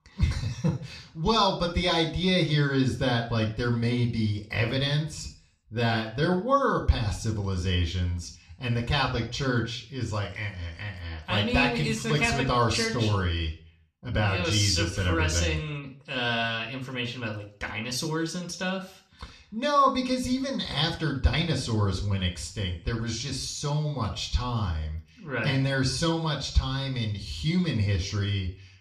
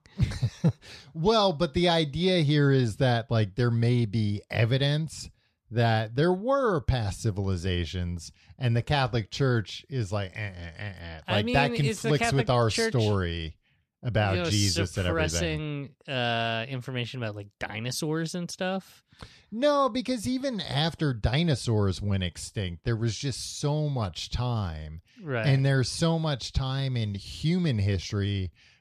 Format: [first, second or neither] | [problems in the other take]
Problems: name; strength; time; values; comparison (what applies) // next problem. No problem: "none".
second | room echo; slight; dies away in 0.4 s // off-mic speech; somewhat distant